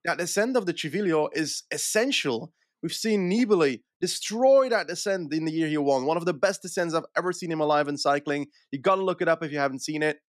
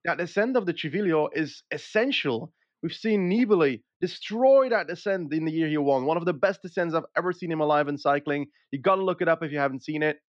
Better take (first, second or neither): first